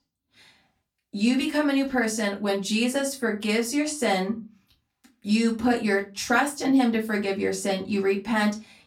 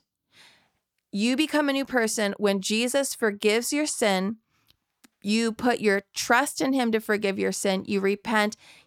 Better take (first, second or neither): second